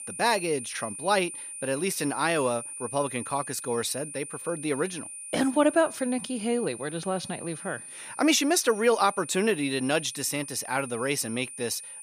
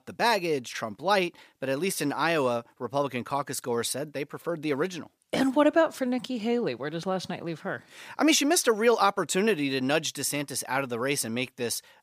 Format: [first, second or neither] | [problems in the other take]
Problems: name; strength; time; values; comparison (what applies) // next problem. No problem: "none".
second | high-pitched whine; loud; throughout; 9 kHz, 10 dB below the speech